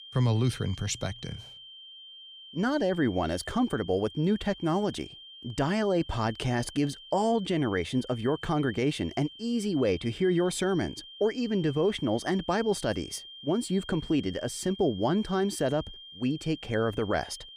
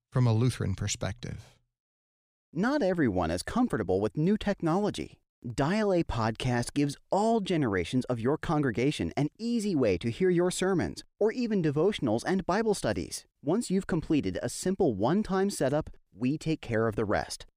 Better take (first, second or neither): second